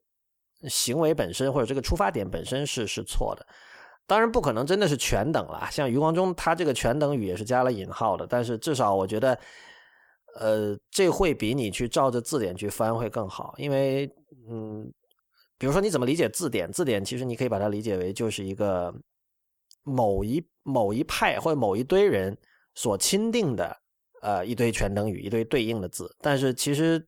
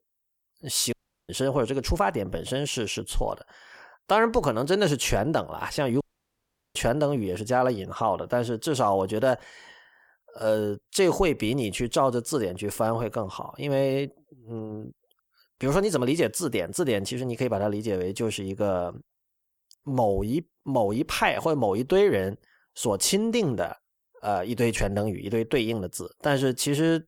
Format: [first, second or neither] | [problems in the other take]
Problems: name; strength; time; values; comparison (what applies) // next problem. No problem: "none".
first | audio cutting out; at 1 s and at 6 s for 0.5 s